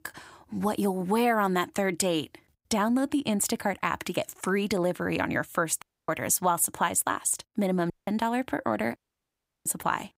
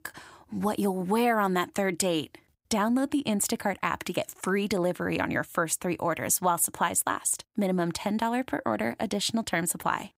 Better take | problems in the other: second | audio cutting out; at 6 s, at 8 s and at 9 s for 0.5 s

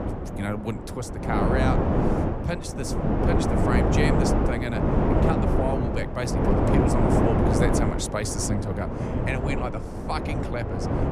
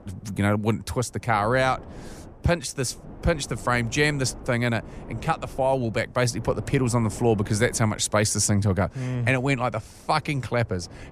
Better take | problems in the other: second | wind noise on the microphone; heavy; 4 dB above the speech; occasional gusts in the second

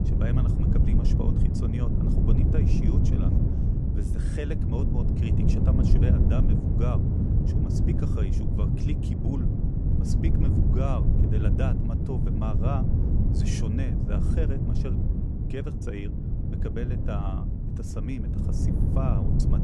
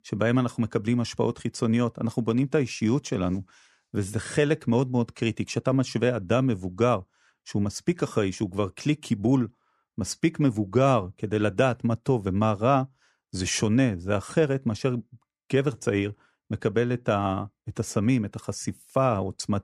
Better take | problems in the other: second | wind noise on the microphone; heavy; 2 dB above the speech

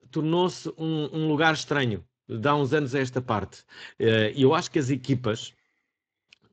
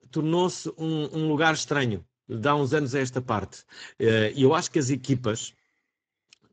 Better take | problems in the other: first | garbled, watery; badly; nothing above 7.5 kHz; slightly in the first

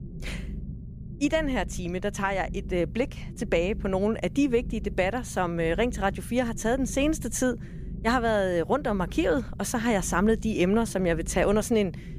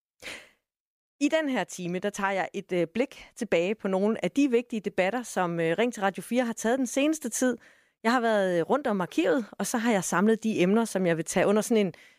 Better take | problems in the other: second | low rumble; faint; throughout; 20 dB below the speech

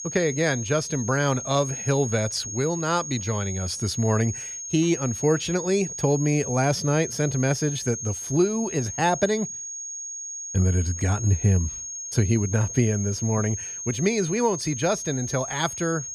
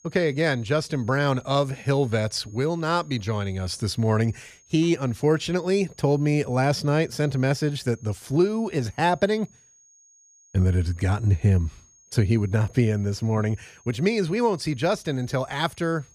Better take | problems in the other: second | high-pitched whine; loud; throughout; 6.5 kHz, 7 dB below the speech; faint in the second

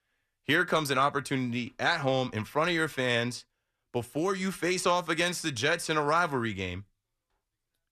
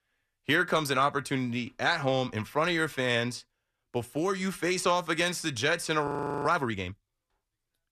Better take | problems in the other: first | audio freezing; at 6 s

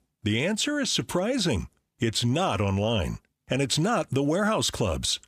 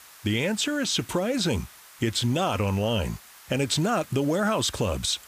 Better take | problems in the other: first | hiss; faint; throughout; 20 dB below the speech

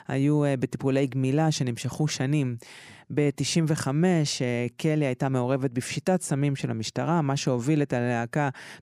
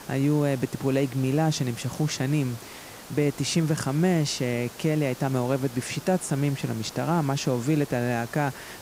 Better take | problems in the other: first | hiss; noticeable; throughout; 15 dB below the speech

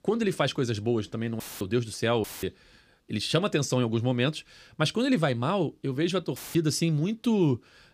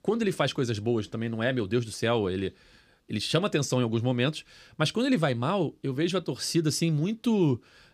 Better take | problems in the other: second | audio cutting out; filled with static; at 1.5 s, at 2 s and at 6.5 s

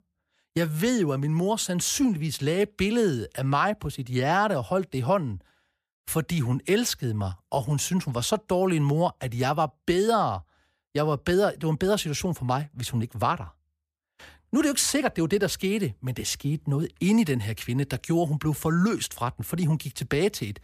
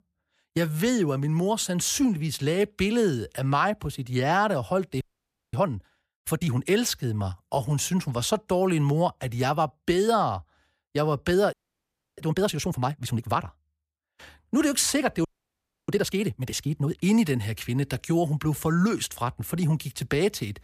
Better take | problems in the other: first | audio freezing; at 5 s for 0.5 s, at 12 s for 0.5 s and at 15 s for 0.5 s

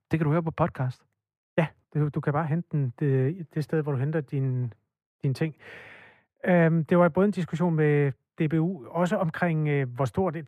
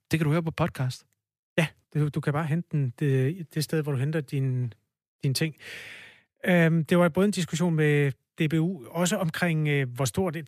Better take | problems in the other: second | muffled; very; fading above 2.5 kHz

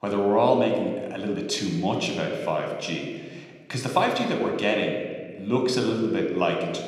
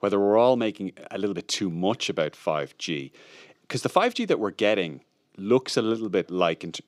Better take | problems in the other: second | room echo; noticeable; dies away in 1.3 s

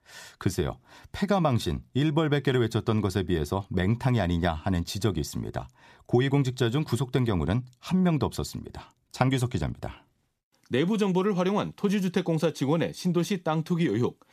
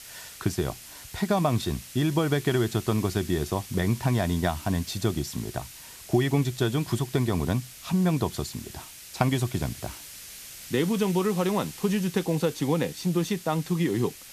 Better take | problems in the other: first | hiss; noticeable; throughout; 15 dB below the speech

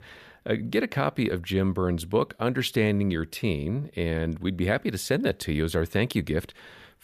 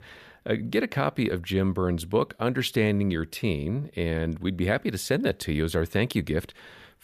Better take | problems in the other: neither | none

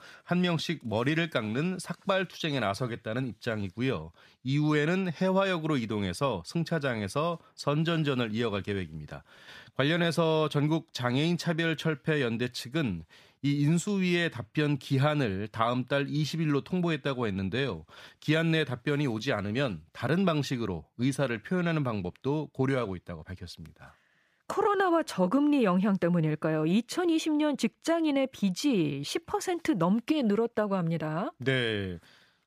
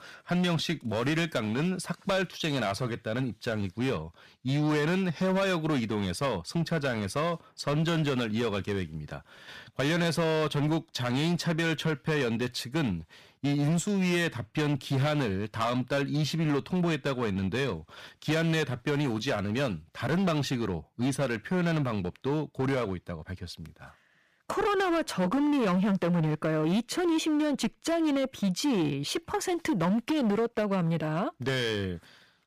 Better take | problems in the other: first | distortion; slight; 14% of the sound clipped

